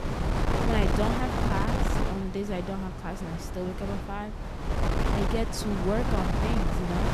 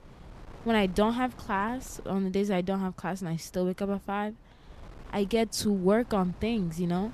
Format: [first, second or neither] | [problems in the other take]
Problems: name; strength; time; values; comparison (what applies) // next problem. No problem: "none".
second | wind noise on the microphone; heavy; 2 dB above the speech; occasional gusts in the second